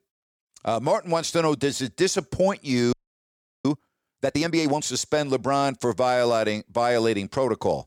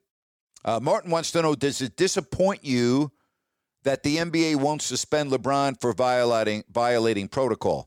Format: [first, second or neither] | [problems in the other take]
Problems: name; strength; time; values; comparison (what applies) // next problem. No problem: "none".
second | audio freezing; at 3 s for 0.5 s